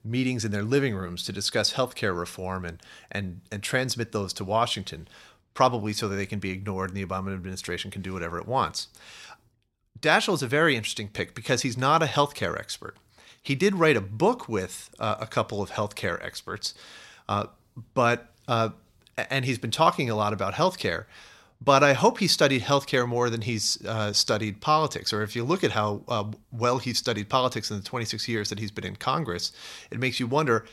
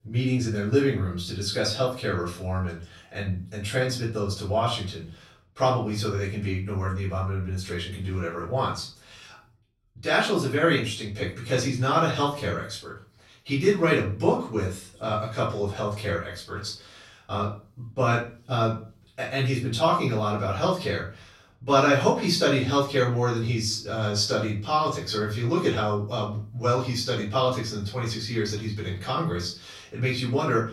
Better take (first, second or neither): first